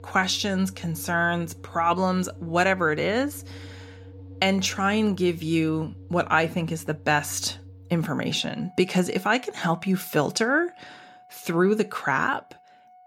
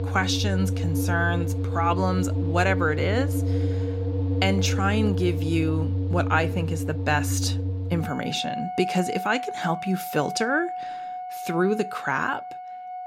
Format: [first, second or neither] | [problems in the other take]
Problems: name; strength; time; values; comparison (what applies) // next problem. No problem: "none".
first | background music; loud; throughout; 2 dB below the speech; faint in the first